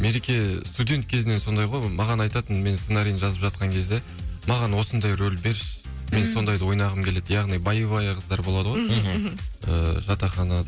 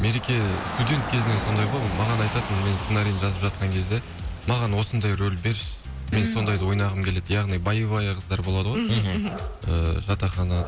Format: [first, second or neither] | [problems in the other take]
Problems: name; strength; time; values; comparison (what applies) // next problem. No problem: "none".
first | background sound (Rain / Dog); 12 dB below the speech